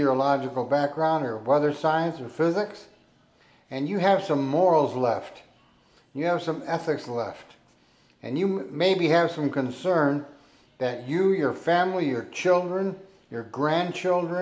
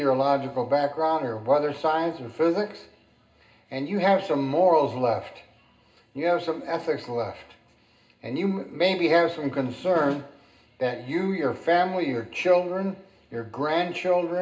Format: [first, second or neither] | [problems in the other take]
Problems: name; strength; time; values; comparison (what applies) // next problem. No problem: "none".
first | background sound (Snare drum); 18 dB below the speech // room echo; dies away in 0.2 s